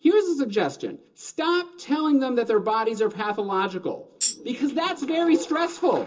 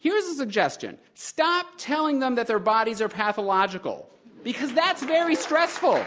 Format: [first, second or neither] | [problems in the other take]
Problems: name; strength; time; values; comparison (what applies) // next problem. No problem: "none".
second | noise reduction (neural separator model SepFormer DNS4)